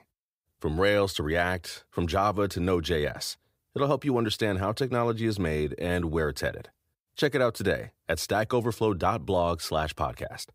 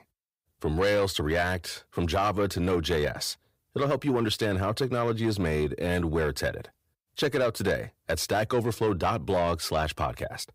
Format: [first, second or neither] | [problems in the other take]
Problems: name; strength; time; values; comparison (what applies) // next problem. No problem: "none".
first | distortion; slight; 10 dB below the speech